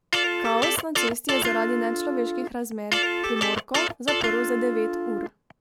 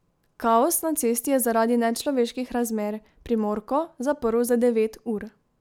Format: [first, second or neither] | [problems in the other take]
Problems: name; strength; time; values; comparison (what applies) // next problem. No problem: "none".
second | background sound (Electric guitar); 2 dB above the speech